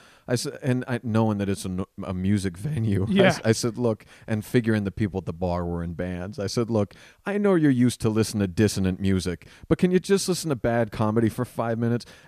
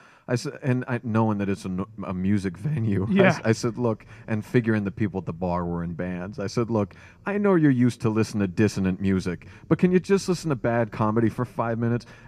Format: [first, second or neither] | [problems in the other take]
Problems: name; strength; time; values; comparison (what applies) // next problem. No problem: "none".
first | room echo; noticeable; dies away in 3 s